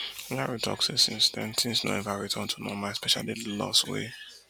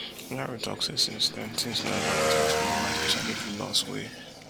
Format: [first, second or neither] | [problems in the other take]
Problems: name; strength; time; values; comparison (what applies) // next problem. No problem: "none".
first | background sound (Motorcycle / Engine); 1 dB above the speech